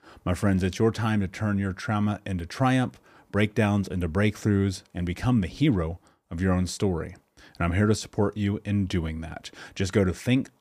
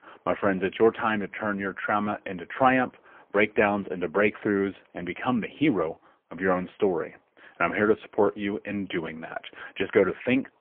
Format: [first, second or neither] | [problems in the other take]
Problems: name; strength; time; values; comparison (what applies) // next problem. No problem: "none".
first | phone-call audio; poor line; nothing above 3 kHz